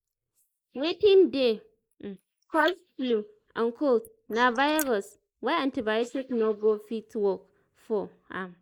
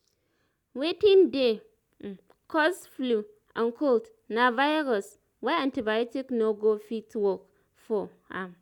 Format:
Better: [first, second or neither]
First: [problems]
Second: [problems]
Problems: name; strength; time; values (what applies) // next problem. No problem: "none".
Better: second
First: noise reduction (neural mask model Resemble Enhance denoiser)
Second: none